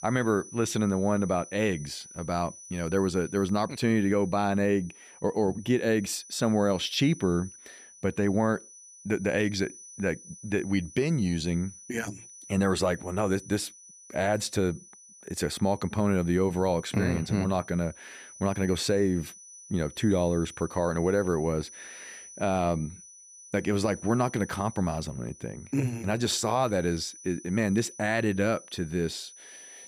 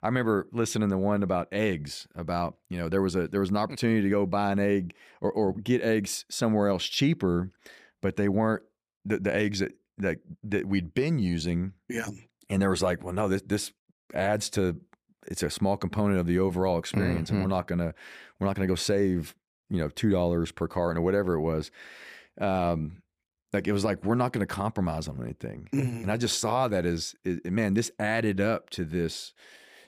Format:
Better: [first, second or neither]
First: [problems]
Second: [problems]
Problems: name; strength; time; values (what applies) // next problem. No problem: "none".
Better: second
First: high-pitched whine; noticeable; throughout; 6 kHz, 20 dB below the speech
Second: none